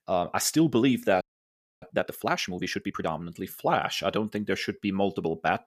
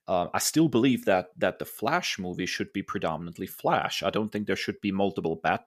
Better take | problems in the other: second | audio freezing; at 1 s for 0.5 s

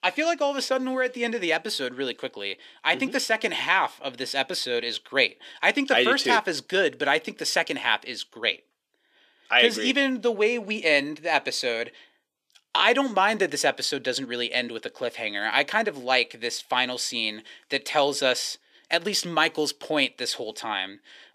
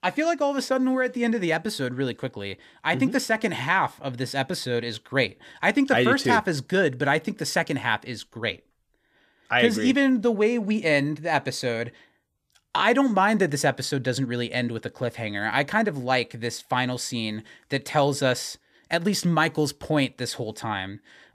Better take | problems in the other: second | thin; very slightly; fading below 400 Hz

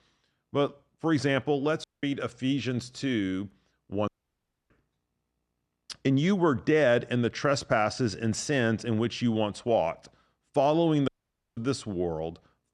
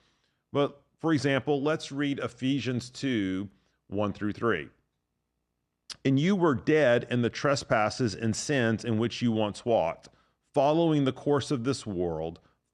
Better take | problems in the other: second | audio cutting out; at 2 s, at 4 s for 0.5 s and at 11 s

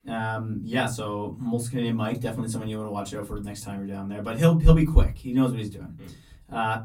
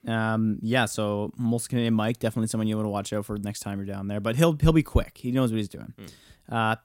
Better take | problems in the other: second | off-mic speech; far // room echo; very slight; dies away in 0.3 s

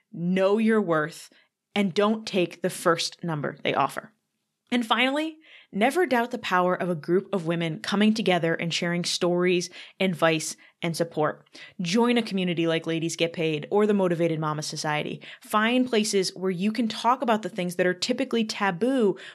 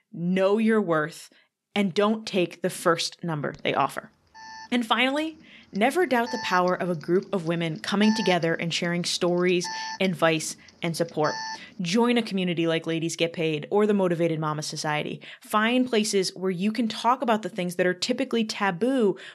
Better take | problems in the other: first | alarm; noticeable; from 3.5 to 12 s; peak 8 dB below the speech

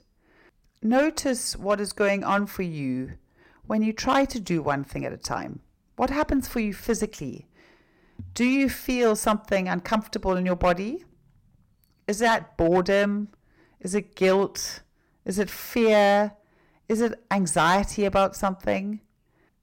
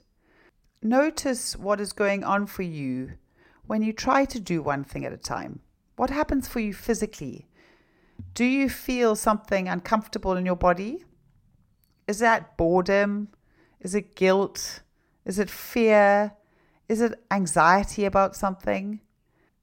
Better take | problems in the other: second | distortion; slight; 3% of the sound clipped

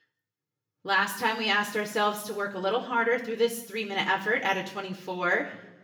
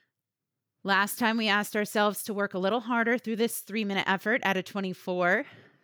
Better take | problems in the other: second | room echo; slight; dies away in 0.7 s // off-mic speech; somewhat distant

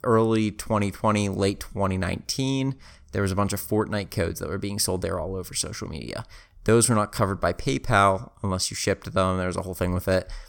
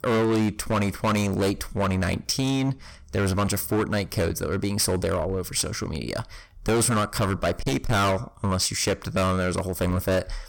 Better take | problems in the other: first | distortion; heavy; 17% of the sound clipped

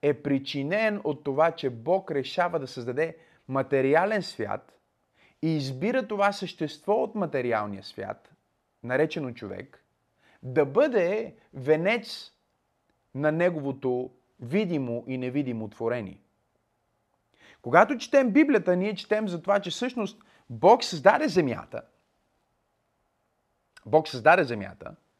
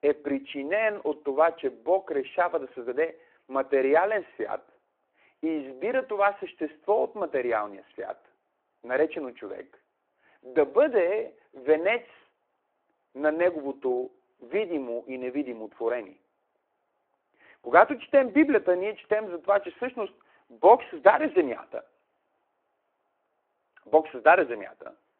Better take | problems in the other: first | phone-call audio

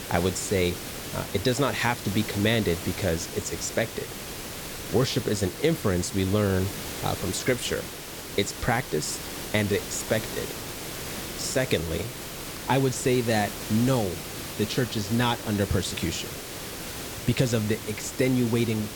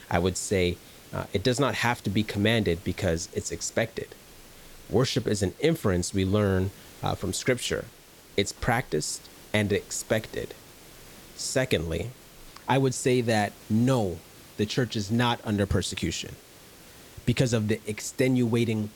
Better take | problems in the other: second | hiss; loud; throughout; 8 dB below the speech; faint in the second

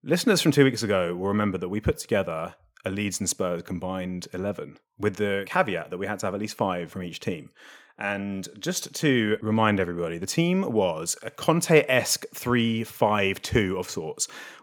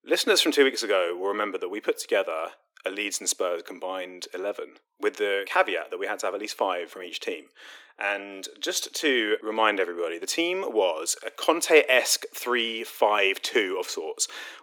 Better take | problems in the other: first | thin; somewhat; fading below 300 Hz

